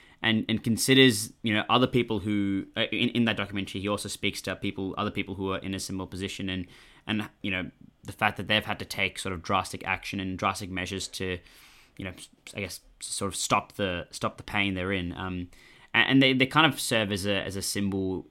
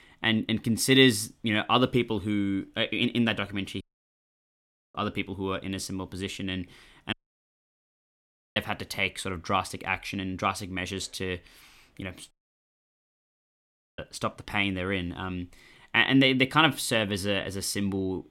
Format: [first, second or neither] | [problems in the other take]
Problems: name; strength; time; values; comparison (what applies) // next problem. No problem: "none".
first | audio cutting out; at 4 s for 1 s, at 7 s for 1.5 s and at 12 s for 1.5 s